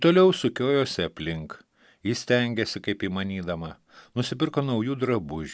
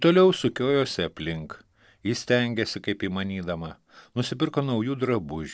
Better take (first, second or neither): first